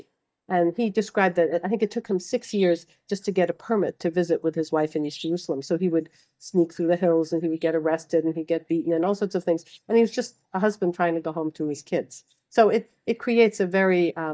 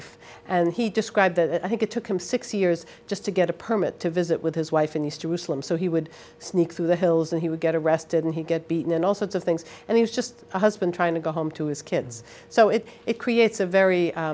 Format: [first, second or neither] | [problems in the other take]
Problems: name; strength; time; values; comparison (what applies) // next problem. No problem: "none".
second | noise reduction (neural mask model DeepFilterNet 3)